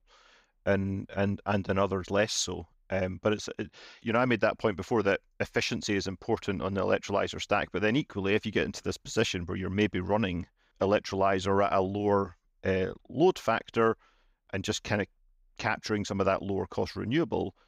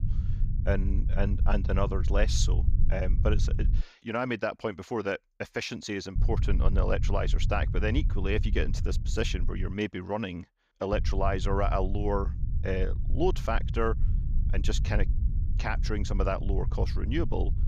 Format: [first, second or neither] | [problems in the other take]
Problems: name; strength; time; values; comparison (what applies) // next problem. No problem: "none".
first | low rumble; noticeable; until 4 s, from 6 to 9.5 s and from 11 s on; 15 dB below the speech